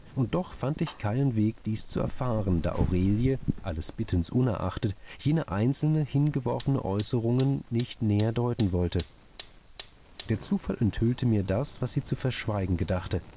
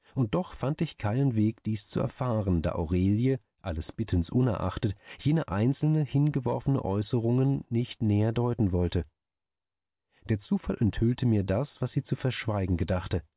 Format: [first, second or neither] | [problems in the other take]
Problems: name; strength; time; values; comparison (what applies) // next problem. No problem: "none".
second | background sound (Fire); 12 dB below the speech